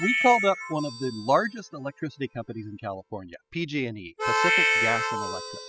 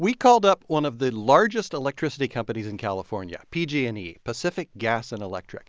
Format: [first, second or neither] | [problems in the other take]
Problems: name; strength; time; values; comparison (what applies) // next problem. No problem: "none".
second | noise reduction (classical method spectral subtraction)